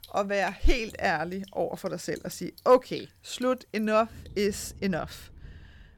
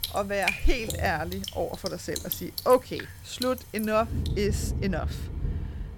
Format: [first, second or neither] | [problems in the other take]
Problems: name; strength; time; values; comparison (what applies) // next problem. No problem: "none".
first | rain or running water; loud; throughout; 5 dB below the speech; faint in the first